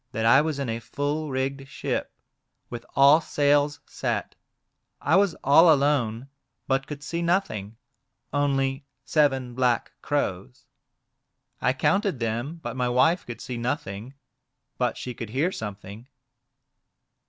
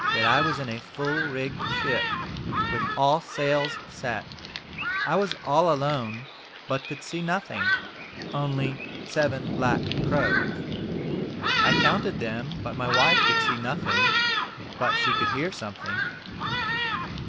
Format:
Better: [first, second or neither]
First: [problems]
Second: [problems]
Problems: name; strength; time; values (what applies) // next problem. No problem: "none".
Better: first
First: none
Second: background sound (Thunderstorm); 1 dB above the speech